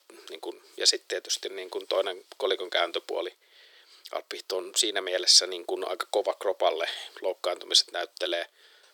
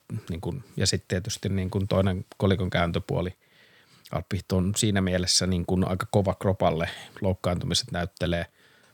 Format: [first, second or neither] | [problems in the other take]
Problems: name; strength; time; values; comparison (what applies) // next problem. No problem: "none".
second | thin; very; fading below 350 Hz